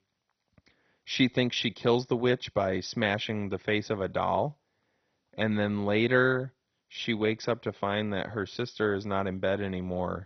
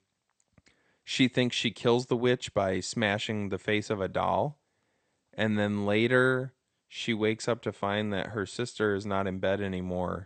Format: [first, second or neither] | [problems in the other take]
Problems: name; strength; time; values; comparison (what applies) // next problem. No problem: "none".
second | garbled, watery; badly; nothing above 6 kHz; slightly in the second